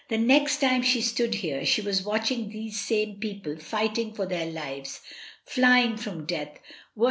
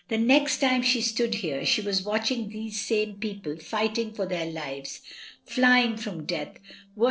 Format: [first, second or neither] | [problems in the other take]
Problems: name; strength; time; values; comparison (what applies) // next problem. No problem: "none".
first | noise reduction (neural separator model SepFormer DNS4)